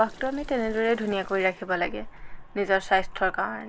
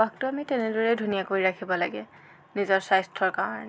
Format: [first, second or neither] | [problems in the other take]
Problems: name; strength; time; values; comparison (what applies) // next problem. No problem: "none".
second | background sound (Sink (filling or washing) / Water tap, faucet); 12 dB below the speech